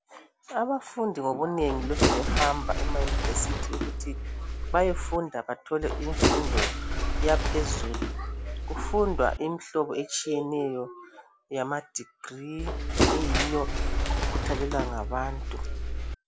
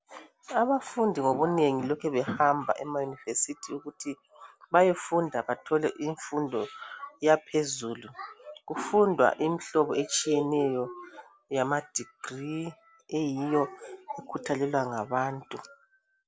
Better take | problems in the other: second | background sound (Bird); 4 dB above the speech

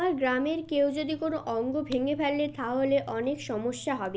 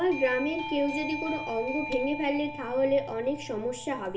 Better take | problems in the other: first | background sound (Doorbell); 10 dB below the speech // room echo; dies away in 0.4 s

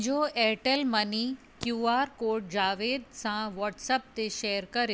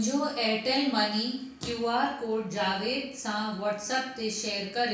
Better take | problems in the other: first | room echo; dies away in 0.6 s

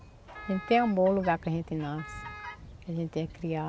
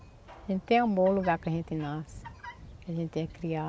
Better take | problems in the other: second | background sound (Wind instrument, woodwind instrument); 17 dB below the speech

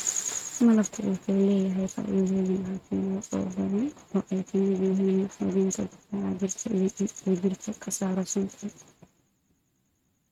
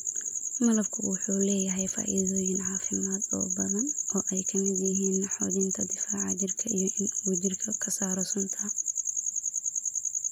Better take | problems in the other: second | noise reduction (neural mask model RNNoise)

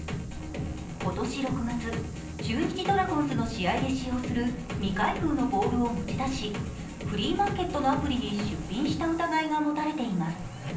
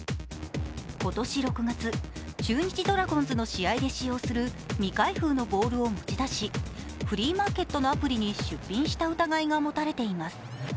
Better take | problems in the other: second | background sound (Wind); 16 dB below the speech // room echo; dies away in 0.6 s

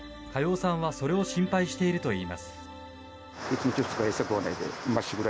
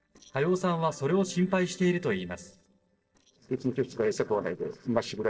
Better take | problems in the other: first | noise reduction (neural separator model SepFormer DNS4)

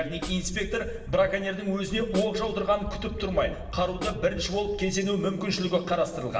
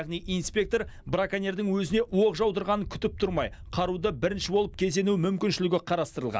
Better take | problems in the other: second | background sound (Snare drum); 15 dB below the speech // room echo; dies away in 1.1 s

